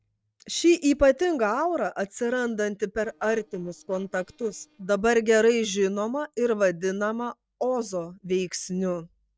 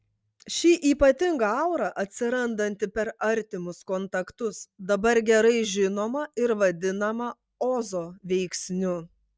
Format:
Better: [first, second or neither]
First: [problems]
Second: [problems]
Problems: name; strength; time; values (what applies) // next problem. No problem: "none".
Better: second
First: noise reduction (neural separator model SepFormer DNS4)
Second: none